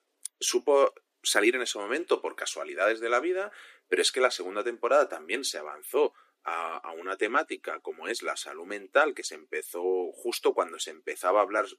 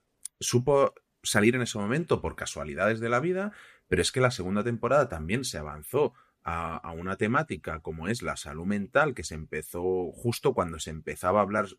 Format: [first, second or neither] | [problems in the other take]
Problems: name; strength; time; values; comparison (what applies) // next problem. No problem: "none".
second | thin; very; fading below 300 Hz